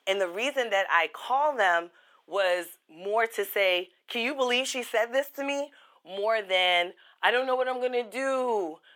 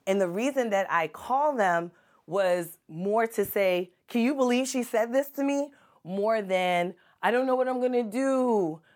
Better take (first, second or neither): second